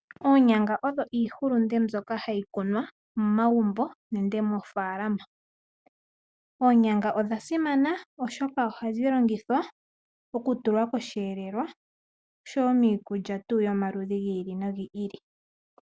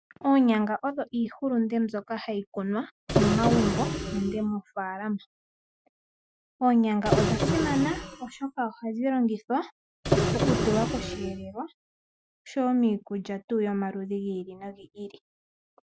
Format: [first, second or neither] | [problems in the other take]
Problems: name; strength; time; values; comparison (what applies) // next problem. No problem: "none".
first | noise reduction (classical method Wiener filter)